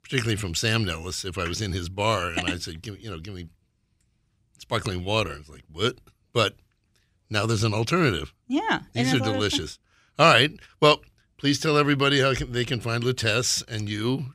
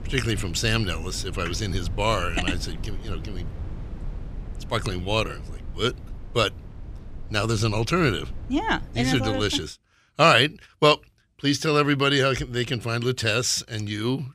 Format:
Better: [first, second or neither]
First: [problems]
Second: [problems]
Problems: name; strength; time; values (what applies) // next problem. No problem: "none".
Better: first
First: none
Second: wind noise on the microphone; occasional gusts; until 9.5 s; 25 dB below the speech